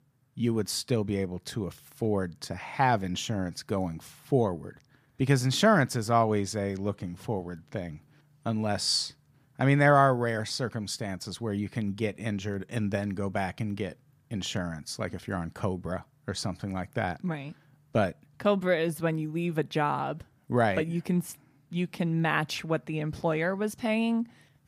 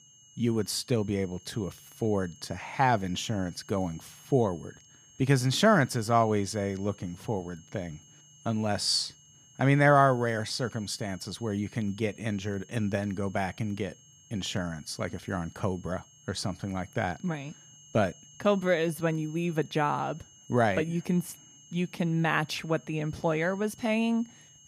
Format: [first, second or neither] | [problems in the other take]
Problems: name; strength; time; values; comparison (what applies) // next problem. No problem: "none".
first | high-pitched whine; faint; throughout; 6.5 kHz, 25 dB below the speech